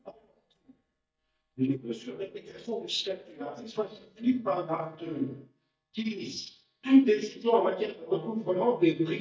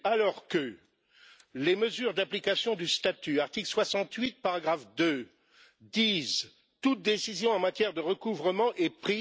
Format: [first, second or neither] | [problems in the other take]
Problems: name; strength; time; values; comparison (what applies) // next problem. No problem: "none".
second | noise reduction (neural mask model DeepFilterNet 3)